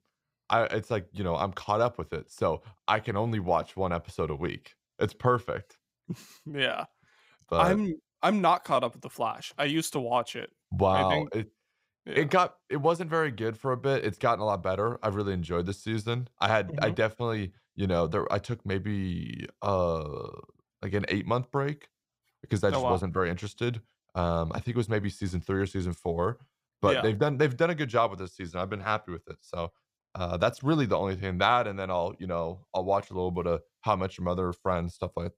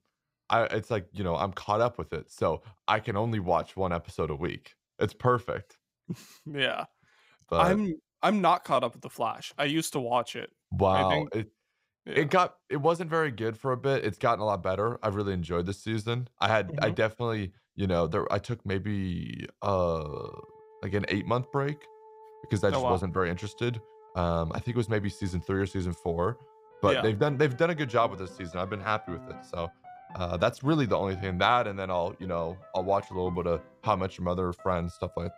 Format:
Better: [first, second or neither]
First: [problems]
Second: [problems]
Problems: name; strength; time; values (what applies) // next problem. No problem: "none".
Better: first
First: none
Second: background music; faint; throughout; 20 dB below the speech